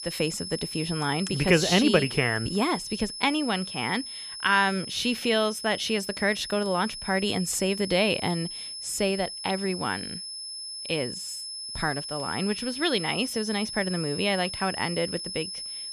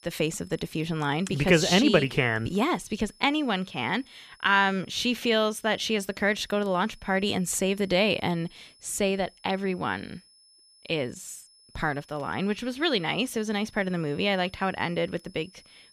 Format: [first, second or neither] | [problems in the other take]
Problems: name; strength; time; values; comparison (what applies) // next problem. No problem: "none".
second | high-pitched whine; loud; throughout; 5 kHz, 7 dB below the speech; faint in the second